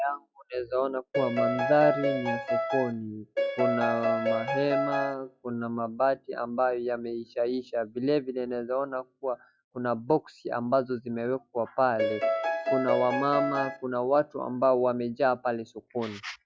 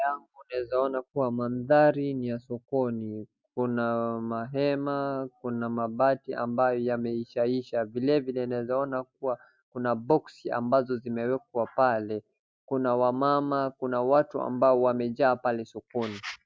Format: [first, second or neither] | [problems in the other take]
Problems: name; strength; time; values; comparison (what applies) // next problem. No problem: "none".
second | noise reduction (classical method log-MMSE)